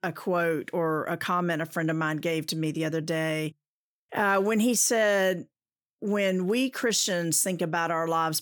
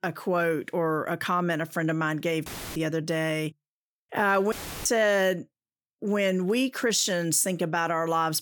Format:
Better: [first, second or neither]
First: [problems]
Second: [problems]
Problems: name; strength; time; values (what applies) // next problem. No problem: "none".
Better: first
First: none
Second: audio cutting out; filled with static; at 2.5 s and at 4.5 s